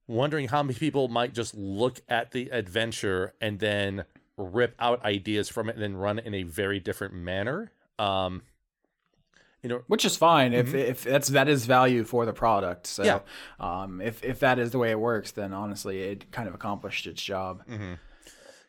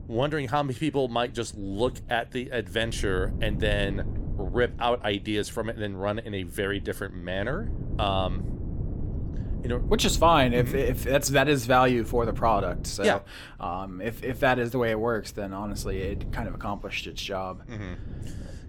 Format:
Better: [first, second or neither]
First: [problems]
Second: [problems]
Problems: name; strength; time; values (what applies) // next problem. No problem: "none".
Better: first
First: none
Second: wind noise on the microphone; occasional gusts; 20 dB below the speech